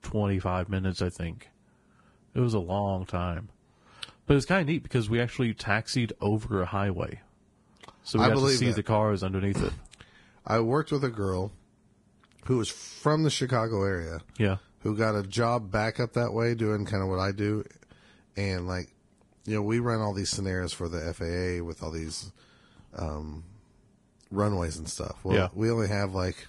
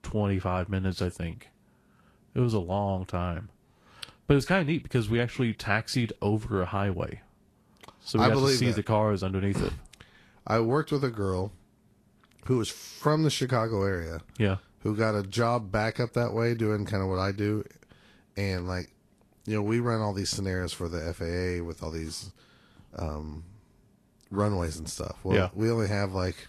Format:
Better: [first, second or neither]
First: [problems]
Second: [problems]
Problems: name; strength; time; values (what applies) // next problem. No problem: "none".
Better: second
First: garbled, watery; badly; nothing above 10.5 kHz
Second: garbled, watery; slightly; nothing above 12.5 kHz